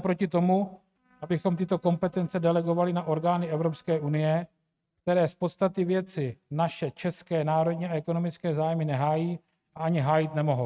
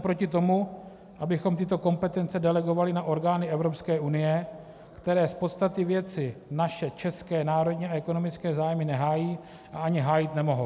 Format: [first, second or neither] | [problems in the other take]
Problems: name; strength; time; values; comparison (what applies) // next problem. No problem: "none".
second | noise reduction (neural mask model RNNoise)